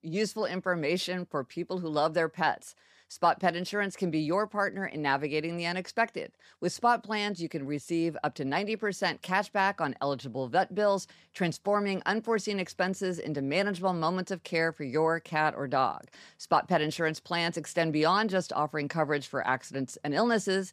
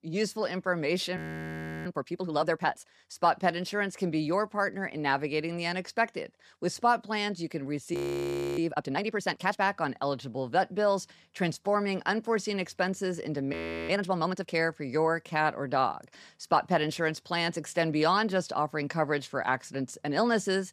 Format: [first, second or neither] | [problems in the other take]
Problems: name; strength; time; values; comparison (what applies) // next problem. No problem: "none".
first | audio freezing; at 1 s for 0.5 s, at 8 s for 0.5 s and at 14 s